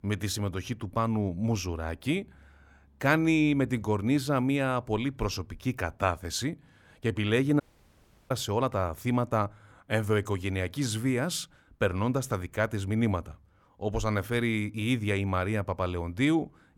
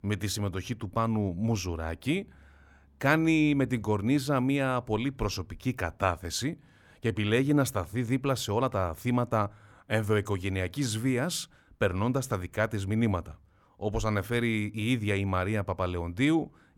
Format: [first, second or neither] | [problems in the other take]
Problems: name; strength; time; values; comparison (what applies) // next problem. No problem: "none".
second | audio cutting out; at 7.5 s for 0.5 s